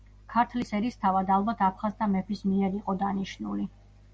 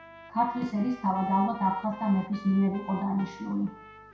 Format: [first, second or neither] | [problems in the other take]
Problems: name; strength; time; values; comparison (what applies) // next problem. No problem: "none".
first | background sound (Trumpet); 19 dB below the speech // room echo; dies away in 0.6 s